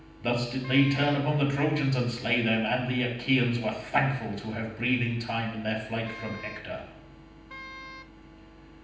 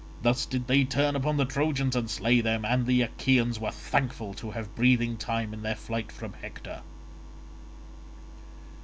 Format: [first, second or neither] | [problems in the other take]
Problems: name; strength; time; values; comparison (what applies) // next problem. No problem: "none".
second | background sound (Wind instrument, woodwind instrument); 18 dB below the speech // room echo; dies away in 0.9 s